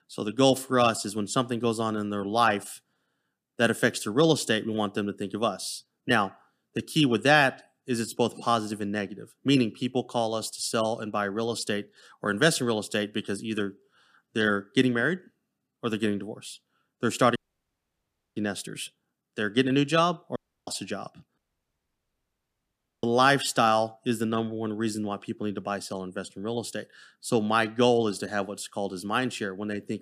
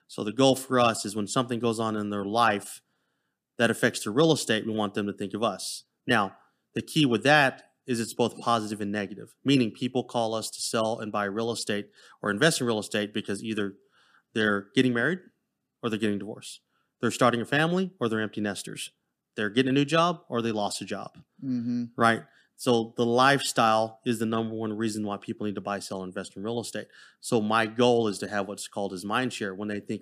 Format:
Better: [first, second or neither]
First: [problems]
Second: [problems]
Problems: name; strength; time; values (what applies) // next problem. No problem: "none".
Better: second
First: audio cutting out; at 17 s for 1 s, at 20 s and at 21 s for 1.5 s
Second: none